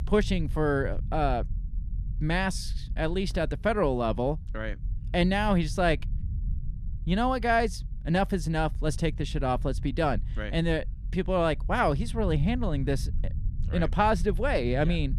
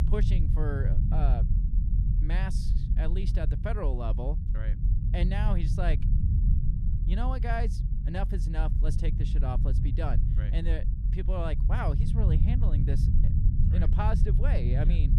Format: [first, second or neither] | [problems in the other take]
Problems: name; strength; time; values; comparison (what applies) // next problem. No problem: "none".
first | low rumble; loud; throughout; 5 dB below the speech; faint in the first